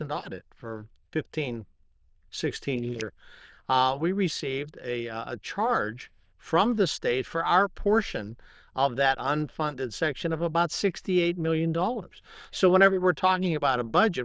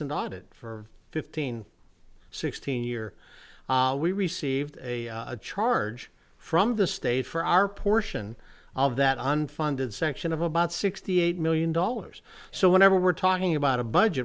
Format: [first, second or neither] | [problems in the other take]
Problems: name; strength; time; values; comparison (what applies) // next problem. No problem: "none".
second | noise reduction (neural diffusion model UNIVERSE++)